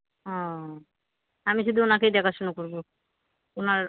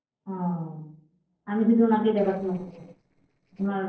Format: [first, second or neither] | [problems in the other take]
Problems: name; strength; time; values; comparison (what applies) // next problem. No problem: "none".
first | noise reduction (neural separator model SepFormer DNS4)